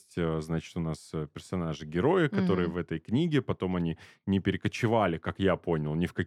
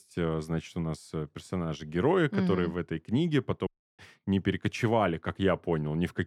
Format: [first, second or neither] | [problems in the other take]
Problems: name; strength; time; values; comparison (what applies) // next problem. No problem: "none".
first | audio cutting out; at 3.5 s